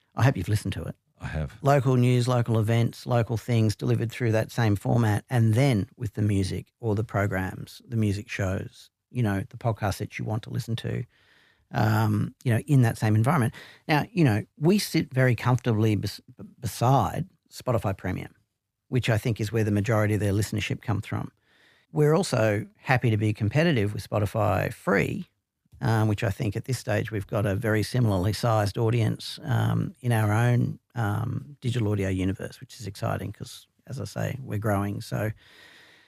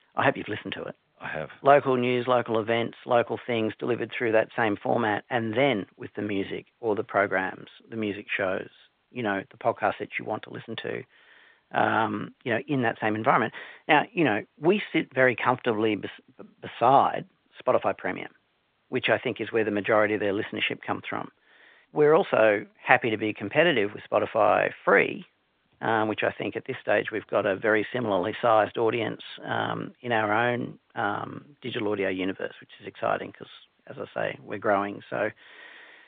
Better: first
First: none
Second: phone-call audio

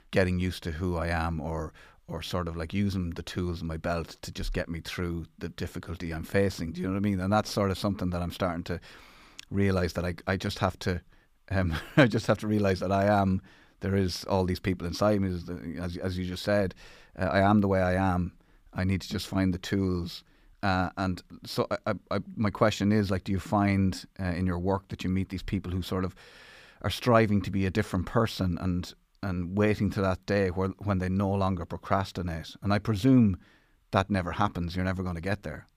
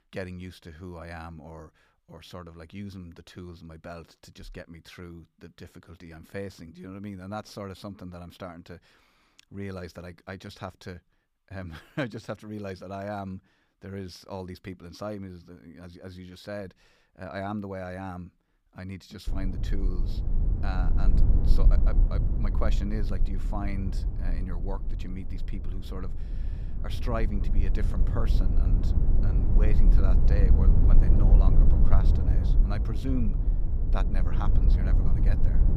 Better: first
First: none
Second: low rumble; loud; from 19 s on; 2 dB below the speech

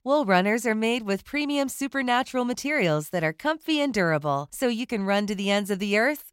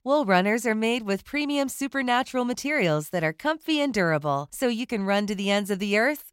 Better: neither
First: none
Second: none

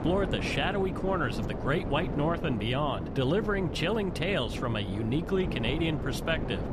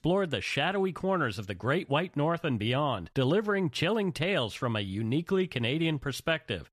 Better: second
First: wind noise on the microphone; heavy; 8 dB below the speech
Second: none

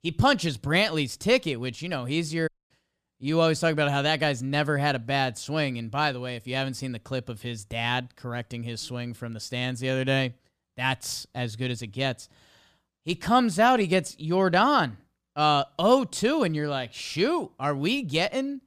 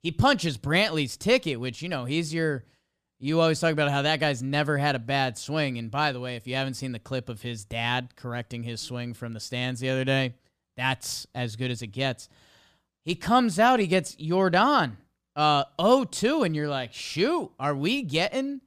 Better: second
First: audio cutting out; at 2.5 s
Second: none

